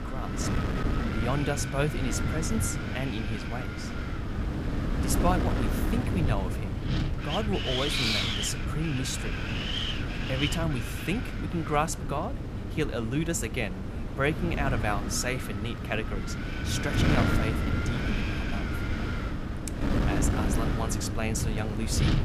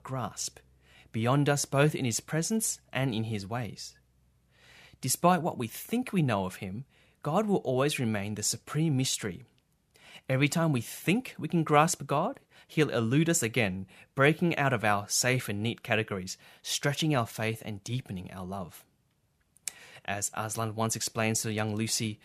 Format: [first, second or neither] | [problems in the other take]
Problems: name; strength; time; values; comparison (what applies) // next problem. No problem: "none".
second | wind noise on the microphone; heavy; 1 dB below the speech